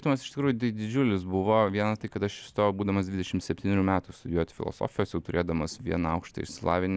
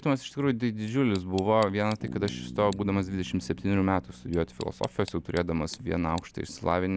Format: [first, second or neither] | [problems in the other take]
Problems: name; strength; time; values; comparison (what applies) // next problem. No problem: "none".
first | background sound (Bass guitar + Tick); 16 dB below the speech